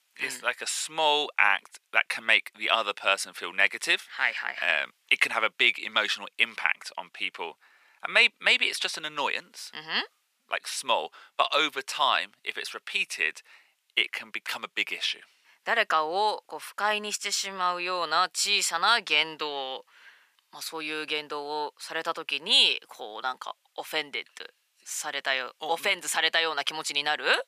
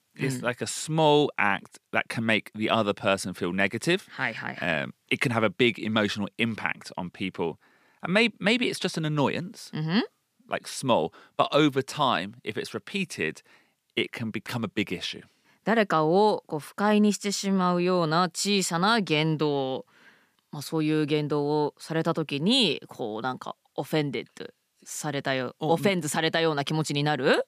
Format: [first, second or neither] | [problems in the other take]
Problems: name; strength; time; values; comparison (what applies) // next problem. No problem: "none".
second | thin; very; fading below 850 Hz